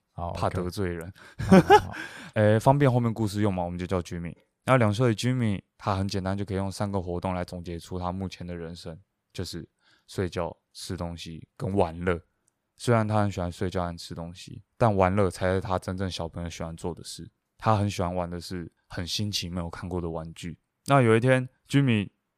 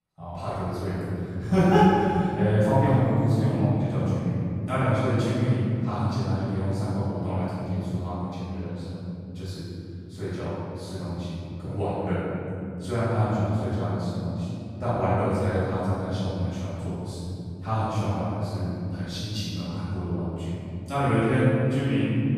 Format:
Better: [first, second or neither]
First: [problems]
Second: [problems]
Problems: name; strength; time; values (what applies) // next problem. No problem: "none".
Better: first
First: none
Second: off-mic speech; far // room echo; strong; dies away in 3 s